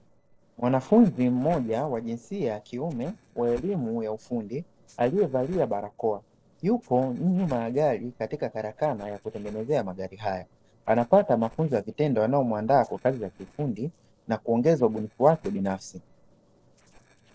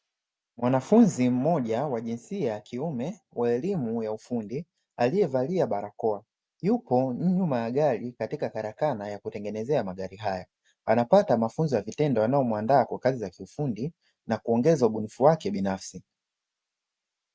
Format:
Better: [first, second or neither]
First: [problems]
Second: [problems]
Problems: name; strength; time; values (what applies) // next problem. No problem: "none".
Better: second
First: noise reduction (neural separator model SepFormer DNS4)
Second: none